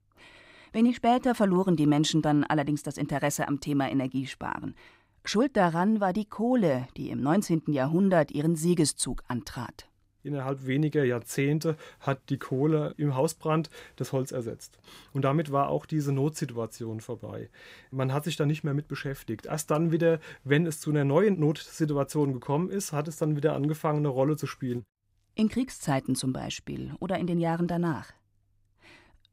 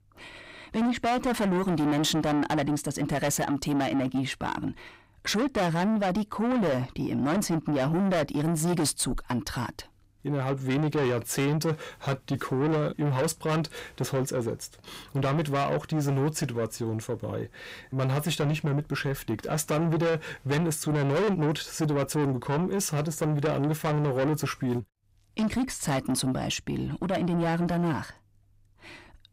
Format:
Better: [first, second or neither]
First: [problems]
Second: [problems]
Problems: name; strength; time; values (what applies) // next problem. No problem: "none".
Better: first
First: none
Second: distortion; heavy; 6 dB below the speech